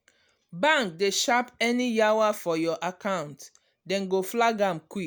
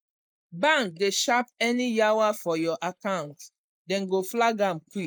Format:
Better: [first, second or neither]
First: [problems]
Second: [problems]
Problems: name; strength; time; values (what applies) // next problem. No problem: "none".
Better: first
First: none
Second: noise reduction (neural mask model Resemble Enhance denoiser)